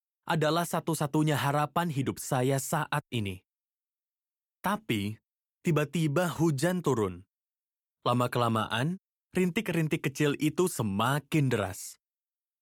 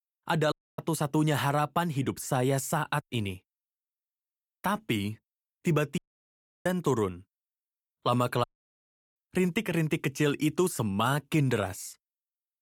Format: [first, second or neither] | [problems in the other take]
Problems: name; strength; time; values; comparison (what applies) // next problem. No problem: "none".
first | audio cutting out; at 0.5 s, at 6 s for 0.5 s and at 8.5 s for 0.5 s